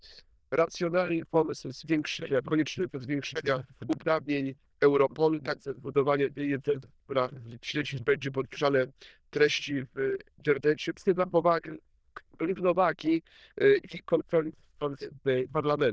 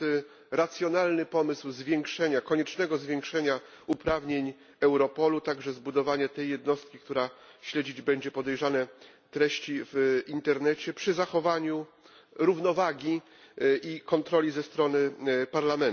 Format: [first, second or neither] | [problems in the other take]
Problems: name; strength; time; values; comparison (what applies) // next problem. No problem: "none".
second | noise reduction (neural diffusion model UNIVERSE++)